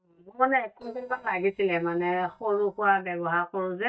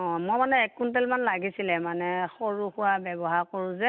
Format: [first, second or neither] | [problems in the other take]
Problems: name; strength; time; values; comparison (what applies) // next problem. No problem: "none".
second | noise reduction (neural mask model DeepFilterNet 3)